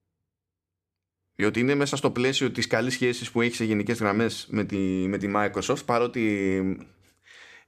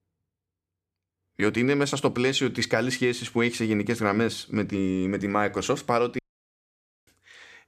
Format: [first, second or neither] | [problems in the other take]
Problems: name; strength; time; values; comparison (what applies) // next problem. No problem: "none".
first | audio cutting out; at 6 s for 1 s